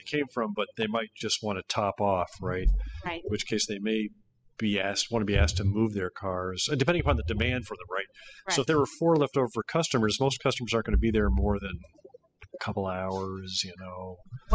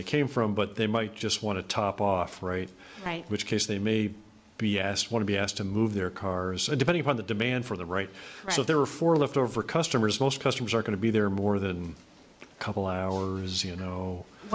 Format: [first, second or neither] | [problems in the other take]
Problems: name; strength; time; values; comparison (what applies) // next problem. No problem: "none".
second | noise reduction (classical method spectral subtraction)